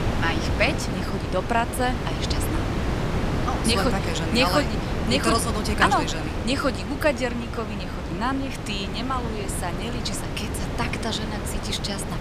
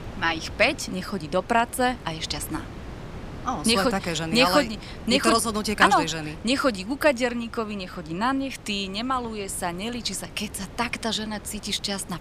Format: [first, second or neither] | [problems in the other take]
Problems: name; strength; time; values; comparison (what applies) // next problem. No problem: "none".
second | wind noise on the microphone; heavy; 6 dB below the speech; occasional gusts in the second